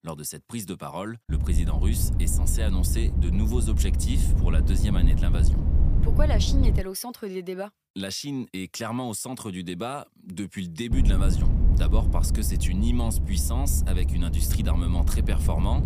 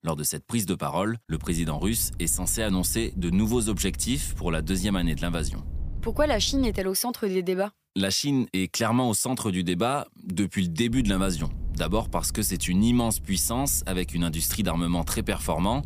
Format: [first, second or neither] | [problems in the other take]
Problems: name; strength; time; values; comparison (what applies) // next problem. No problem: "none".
second | low rumble; loud; from 1.5 to 7 s and from 11 s on; 5 dB below the speech; faint in the second